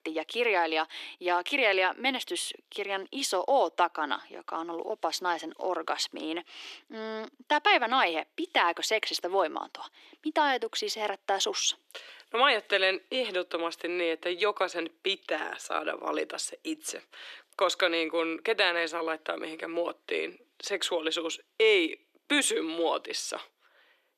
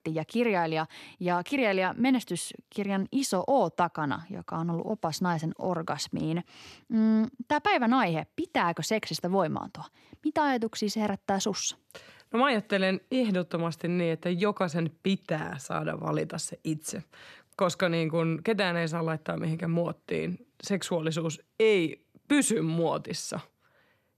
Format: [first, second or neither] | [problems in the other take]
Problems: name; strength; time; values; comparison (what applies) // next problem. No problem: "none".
second | thin; very; fading below 350 Hz